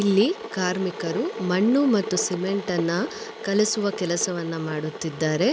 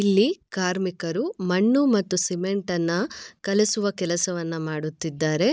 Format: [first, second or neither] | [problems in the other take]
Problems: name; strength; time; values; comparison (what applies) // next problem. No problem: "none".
second | background sound (Boiling / Water); 12 dB below the speech